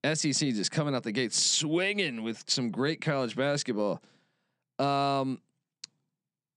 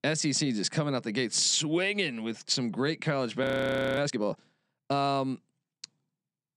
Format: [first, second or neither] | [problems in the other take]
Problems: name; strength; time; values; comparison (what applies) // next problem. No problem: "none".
first | audio freezing; at 3.5 s for 0.5 s